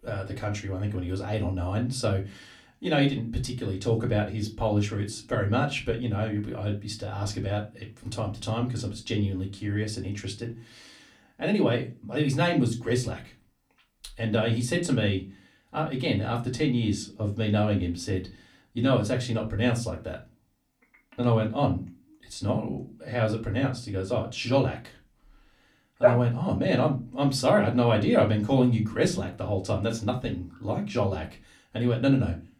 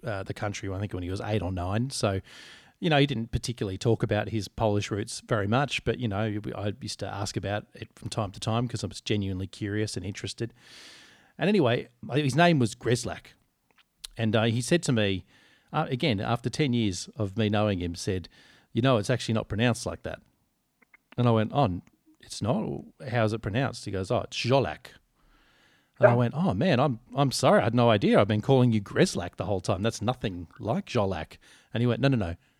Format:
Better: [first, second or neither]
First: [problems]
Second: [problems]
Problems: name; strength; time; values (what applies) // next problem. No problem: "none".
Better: second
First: off-mic speech; far // room echo; very slight; dies away in 0.2 s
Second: none